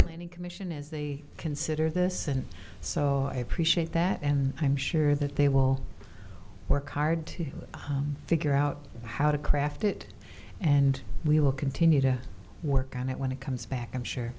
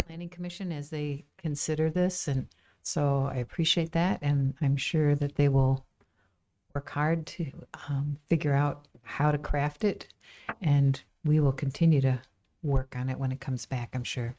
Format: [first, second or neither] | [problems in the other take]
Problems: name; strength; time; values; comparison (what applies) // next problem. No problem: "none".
first | noise reduction (neural mask model RNNoise)